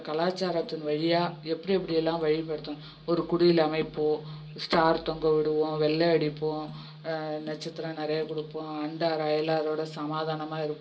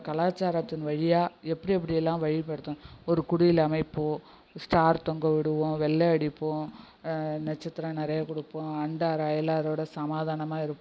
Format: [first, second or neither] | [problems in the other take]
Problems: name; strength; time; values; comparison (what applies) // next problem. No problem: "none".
second | room echo; dies away in 0.2 s